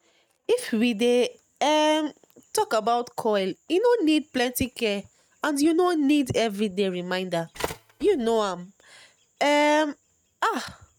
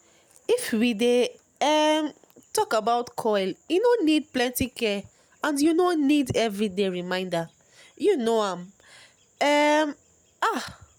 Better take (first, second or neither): second